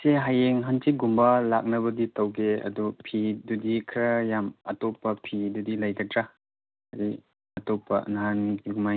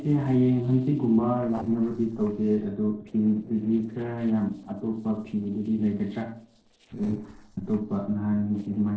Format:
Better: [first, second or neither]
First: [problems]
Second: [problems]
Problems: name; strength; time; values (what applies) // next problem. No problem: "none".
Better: first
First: none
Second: noise reduction (neural separator model SepFormer DNS4)